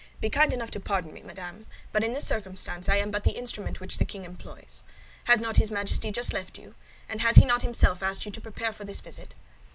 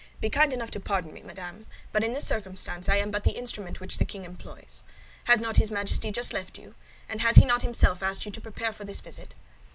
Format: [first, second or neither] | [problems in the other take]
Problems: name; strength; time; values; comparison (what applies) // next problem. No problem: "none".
second | background sound (Bass drum); 18 dB below the speech